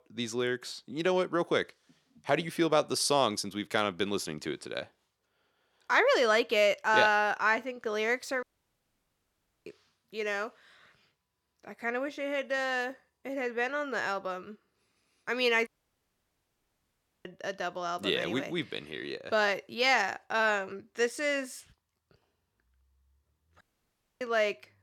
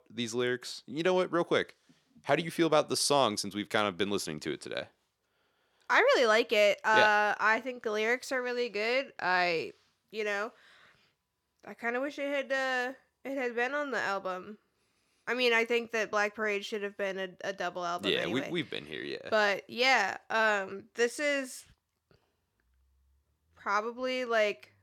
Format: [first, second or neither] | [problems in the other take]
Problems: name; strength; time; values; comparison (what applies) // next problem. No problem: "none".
second | audio cutting out; at 8.5 s for 1 s, at 16 s for 1.5 s and at 24 s for 0.5 s